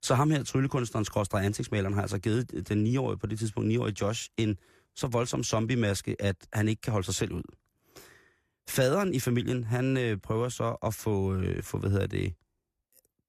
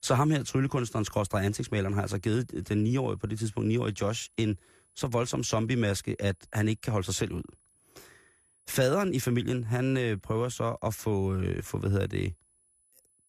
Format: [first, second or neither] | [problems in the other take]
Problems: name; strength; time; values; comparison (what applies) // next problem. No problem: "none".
first | high-pitched whine; faint; throughout; 10 kHz, 35 dB below the speech